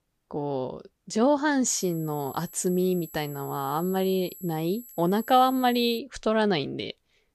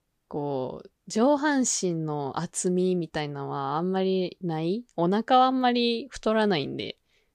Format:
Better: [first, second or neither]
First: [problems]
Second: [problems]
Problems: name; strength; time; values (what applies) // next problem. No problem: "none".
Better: second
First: high-pitched whine; noticeable; from 1.5 to 6 s; 11.5 kHz, 15 dB below the speech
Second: none